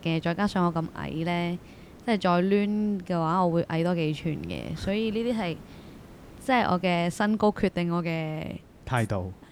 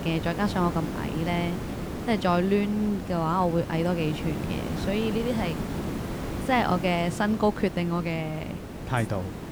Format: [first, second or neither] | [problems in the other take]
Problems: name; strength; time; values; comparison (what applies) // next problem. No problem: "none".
first | hiss; loud; throughout; 7 dB below the speech; faint in the first